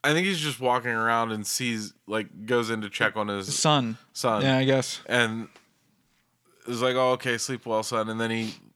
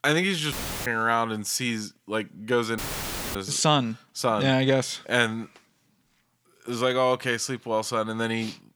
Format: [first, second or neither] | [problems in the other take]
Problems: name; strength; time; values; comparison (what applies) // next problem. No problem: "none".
first | audio cutting out; filled with static; at 0.5 s and at 3 s for 0.5 s